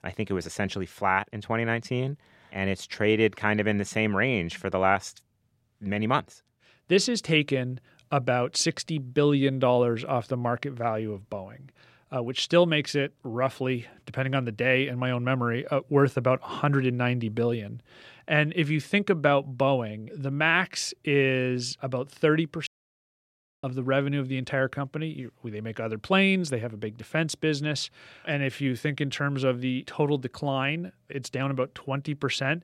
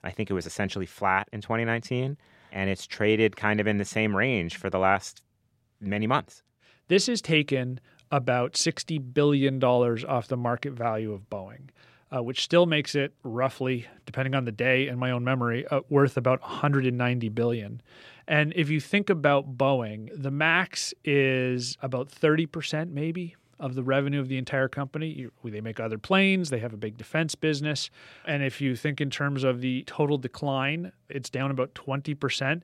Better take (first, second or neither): second